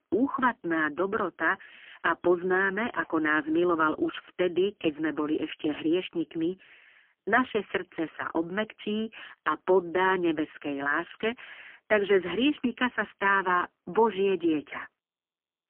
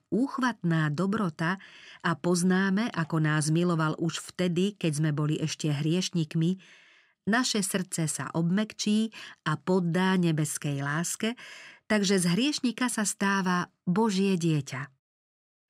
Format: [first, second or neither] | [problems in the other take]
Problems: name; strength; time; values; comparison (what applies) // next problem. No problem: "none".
second | phone-call audio; poor line; nothing above 3 kHz